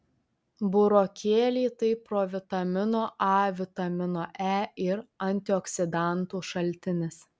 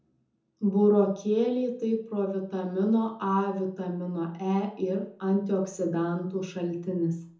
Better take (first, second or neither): first